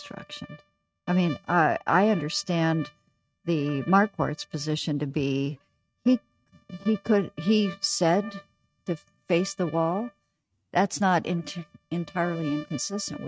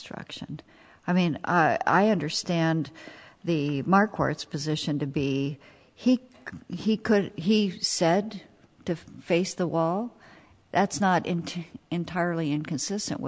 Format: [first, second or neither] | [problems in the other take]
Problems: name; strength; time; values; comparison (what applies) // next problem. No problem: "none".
second | noise reduction (neural mask model RNNoise)